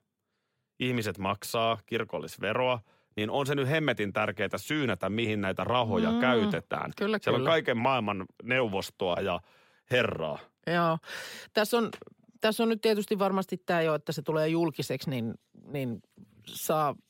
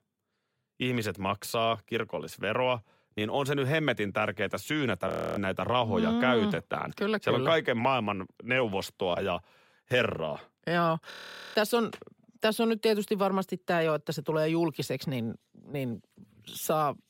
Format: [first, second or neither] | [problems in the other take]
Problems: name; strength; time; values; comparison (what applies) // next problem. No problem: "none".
first | audio freezing; at 5 s and at 11 s